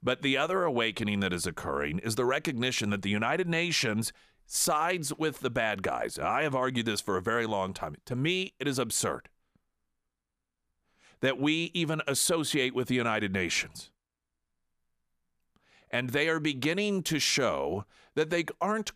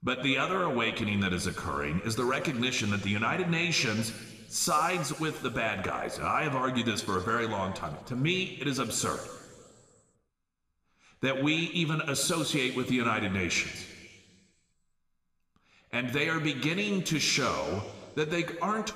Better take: first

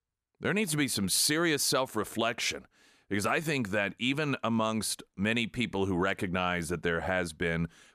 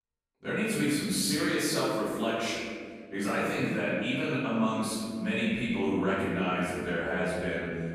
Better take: first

